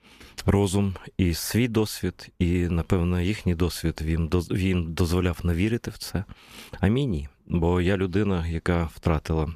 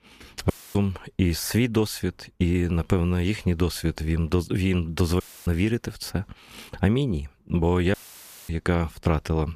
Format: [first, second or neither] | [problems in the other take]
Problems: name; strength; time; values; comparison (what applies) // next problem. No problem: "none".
first | audio cutting out; filled with static; at 0.5 s, at 5 s and at 8 s for 0.5 s